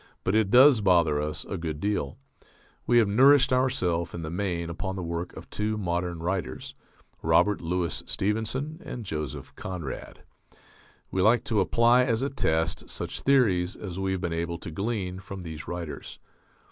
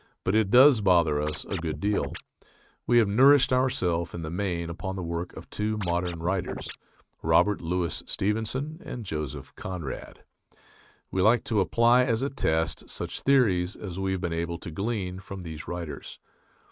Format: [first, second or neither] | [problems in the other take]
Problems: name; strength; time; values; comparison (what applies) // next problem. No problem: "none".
first | noise reduction (neural mask model RNNoise)